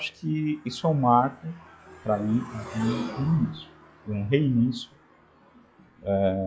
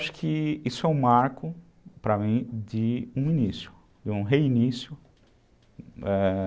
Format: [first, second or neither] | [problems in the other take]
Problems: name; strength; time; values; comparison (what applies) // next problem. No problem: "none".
second | noise reduction (classical method log-MMSE)